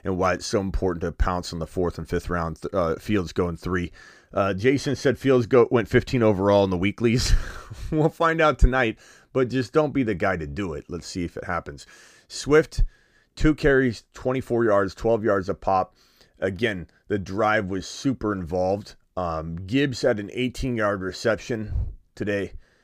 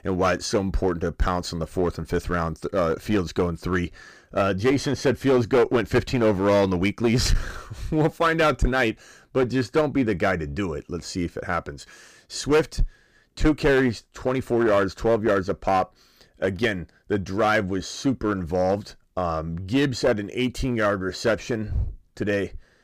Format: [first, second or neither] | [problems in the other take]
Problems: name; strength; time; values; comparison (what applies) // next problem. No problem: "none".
first | distortion; slight; 6% of the sound clipped